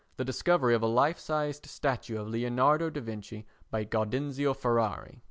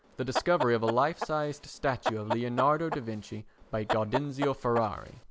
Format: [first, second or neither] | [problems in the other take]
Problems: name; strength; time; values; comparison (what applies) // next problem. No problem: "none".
first | background sound (Chicken, rooster); 7 dB below the speech